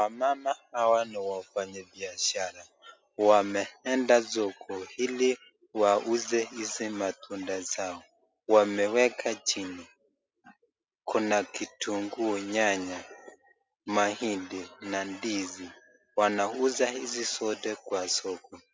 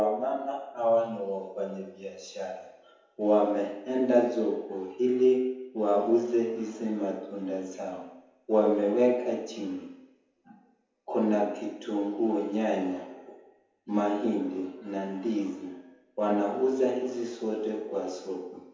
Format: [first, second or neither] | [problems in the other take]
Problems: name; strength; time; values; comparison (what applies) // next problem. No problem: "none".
first | room echo; dies away in 0.9 s